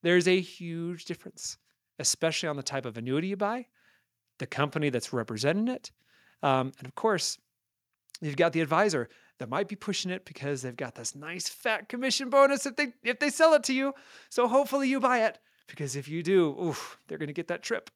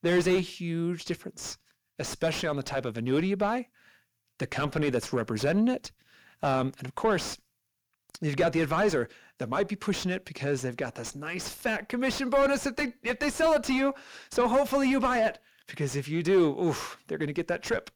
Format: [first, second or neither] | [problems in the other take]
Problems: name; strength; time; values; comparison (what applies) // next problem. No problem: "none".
first | distortion; heavy; 5 dB below the speech